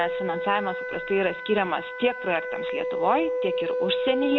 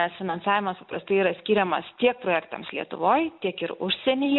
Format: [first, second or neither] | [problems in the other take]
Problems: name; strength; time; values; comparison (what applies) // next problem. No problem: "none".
second | background sound (Wind instrument, woodwind instrument); 2 dB below the speech